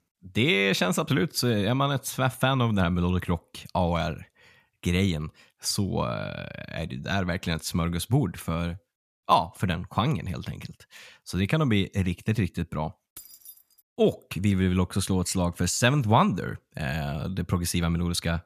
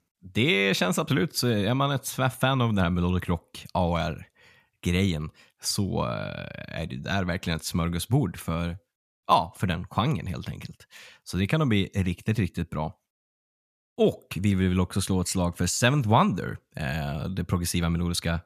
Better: second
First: jangling keys; faint; at 13 s; peak 15 dB below the speech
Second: none

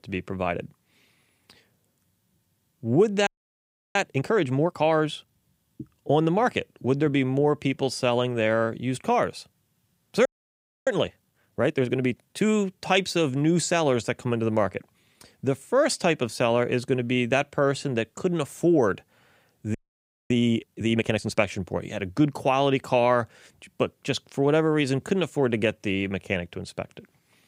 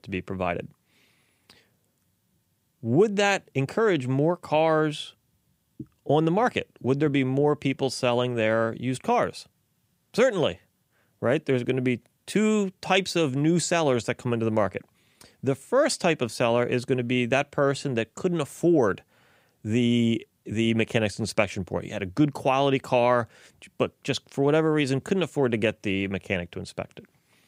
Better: second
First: audio freezing; at 3.5 s for 0.5 s, at 10 s for 0.5 s and at 20 s for 0.5 s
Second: none

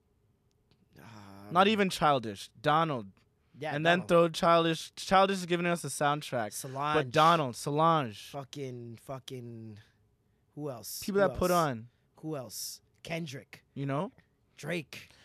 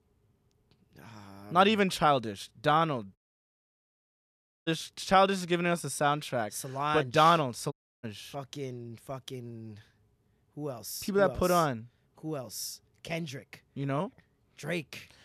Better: first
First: none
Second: audio cutting out; at 3 s for 1.5 s and at 7.5 s

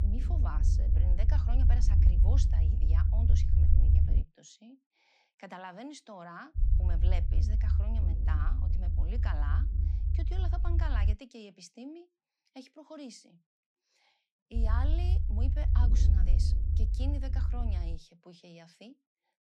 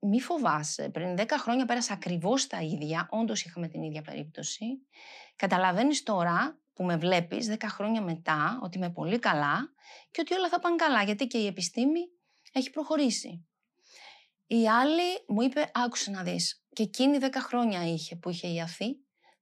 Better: second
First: low rumble; loud; until 4 s, from 6.5 to 11 s and from 15 to 18 s; 1 dB below the speech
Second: none

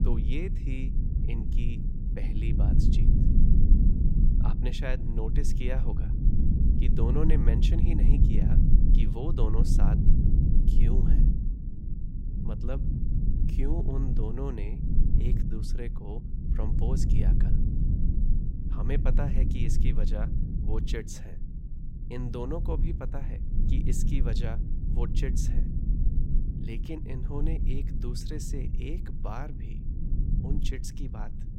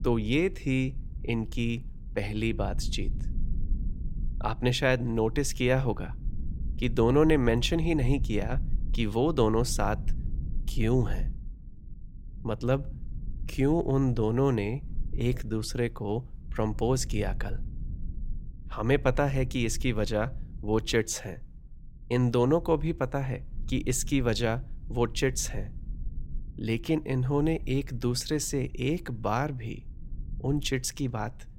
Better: second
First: low rumble; loud; throughout; 1 dB below the speech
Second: low rumble; faint; throughout; 25 dB below the speech

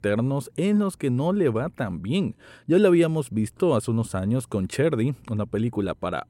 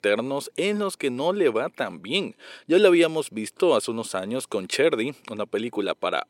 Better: first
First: none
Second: thin; somewhat; fading below 400 Hz

